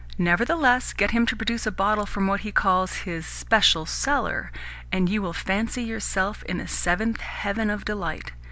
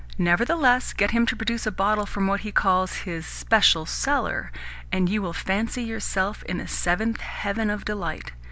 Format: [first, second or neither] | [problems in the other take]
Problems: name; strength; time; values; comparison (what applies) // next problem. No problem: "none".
first | background sound (Squeak / Walk, footsteps); 18 dB below the speech